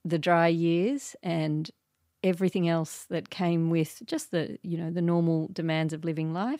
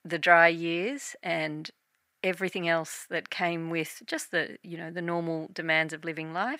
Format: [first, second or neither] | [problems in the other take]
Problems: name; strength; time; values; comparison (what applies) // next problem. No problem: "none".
first | thin; somewhat; fading below 600 Hz